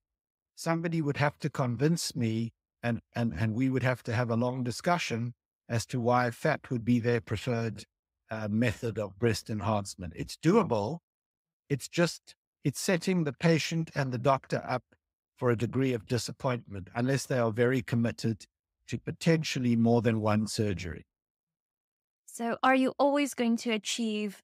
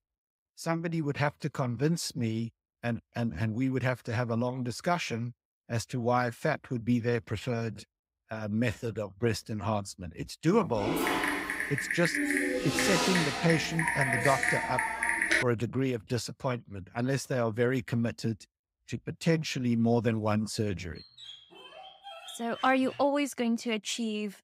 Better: first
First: none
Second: keyboard typing; loud; from 11 to 15 s; peak 5 dB above the speech // dog barking; faint; from 21 to 23 s; peak 15 dB below the speech

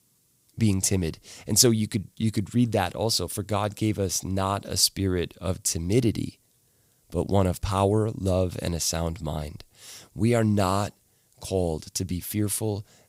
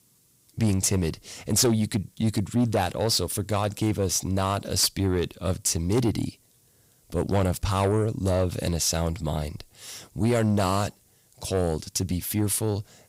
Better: first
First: none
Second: distortion; slight; 10 dB below the speech

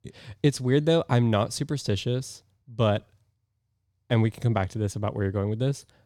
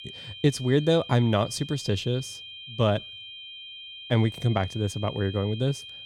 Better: first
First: none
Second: high-pitched whine; noticeable; throughout; 3 kHz, 15 dB below the speech

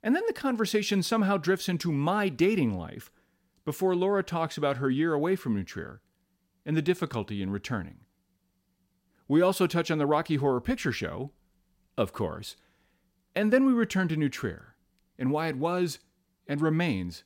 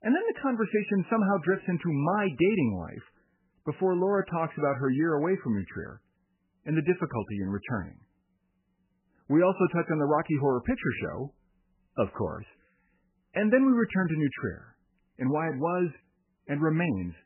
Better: first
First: none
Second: garbled, watery; badly; nothing above 3 kHz

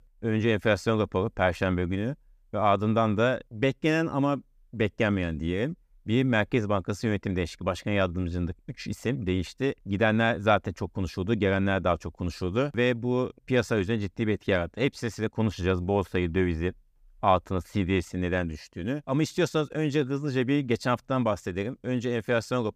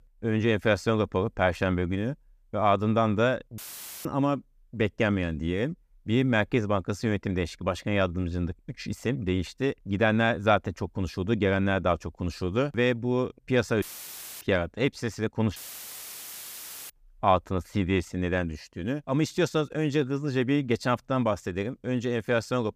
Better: first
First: none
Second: audio cutting out; filled with static; at 3.5 s, at 14 s for 0.5 s and at 16 s for 1.5 s

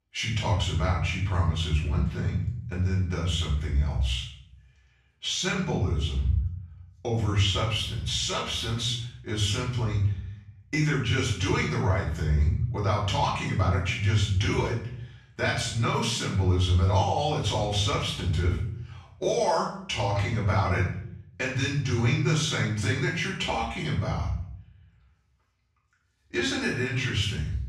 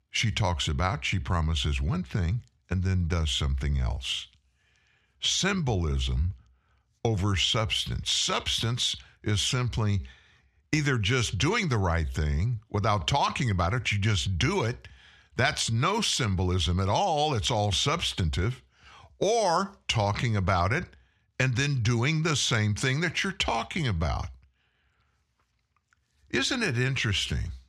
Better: second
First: off-mic speech; far // room echo; noticeable; dies away in 0.6 s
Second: none

